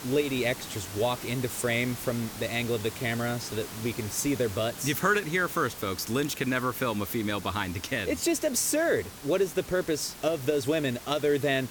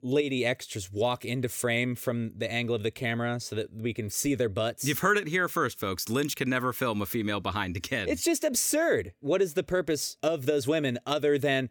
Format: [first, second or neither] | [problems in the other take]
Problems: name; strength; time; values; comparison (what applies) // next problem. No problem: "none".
second | hiss; noticeable; throughout; 10 dB below the speech